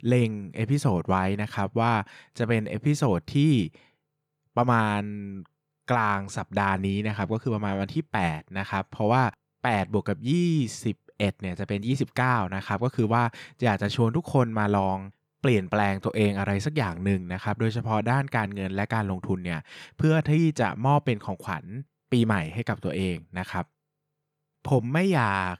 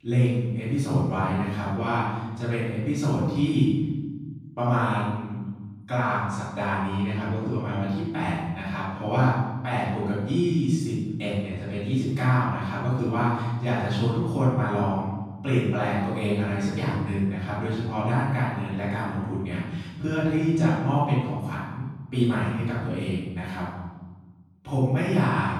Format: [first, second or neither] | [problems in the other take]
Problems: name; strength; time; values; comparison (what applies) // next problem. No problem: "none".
first | off-mic speech; far // room echo; strong; dies away in 1.2 s